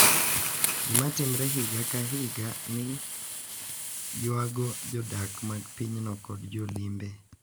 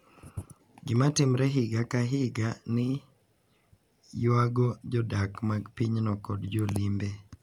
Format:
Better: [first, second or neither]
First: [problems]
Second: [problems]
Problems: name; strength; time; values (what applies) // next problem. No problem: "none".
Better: second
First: background sound (Hiss); 2 dB above the speech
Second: none